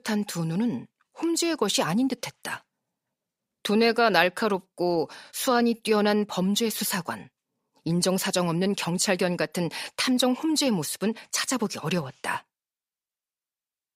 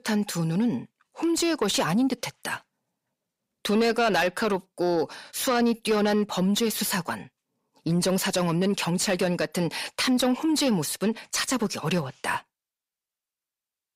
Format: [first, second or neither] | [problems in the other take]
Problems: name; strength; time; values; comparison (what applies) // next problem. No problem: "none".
first | distortion; slight; 10 dB below the speech